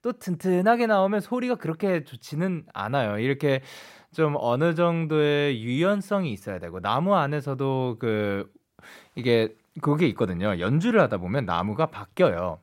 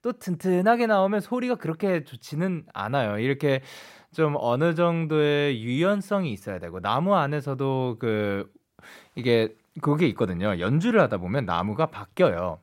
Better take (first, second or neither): neither